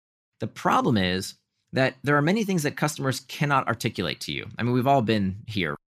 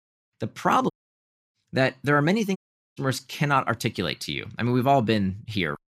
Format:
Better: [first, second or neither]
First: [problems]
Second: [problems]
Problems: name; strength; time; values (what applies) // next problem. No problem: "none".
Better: first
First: none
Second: audio cutting out; at 1 s for 0.5 s and at 2.5 s